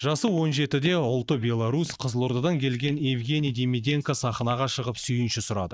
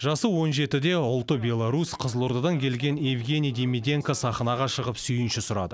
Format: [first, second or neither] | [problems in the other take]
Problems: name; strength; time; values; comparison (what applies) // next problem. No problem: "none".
second | noise reduction (neural mask model DeepFilterNet 3)